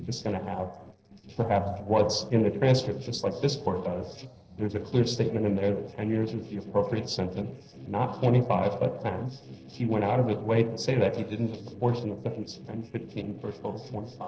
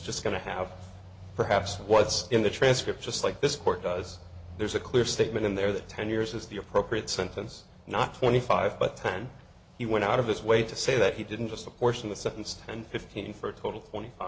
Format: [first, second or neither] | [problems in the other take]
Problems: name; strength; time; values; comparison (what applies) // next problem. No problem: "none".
second | noise reduction (neural separator model SepFormer DNS4)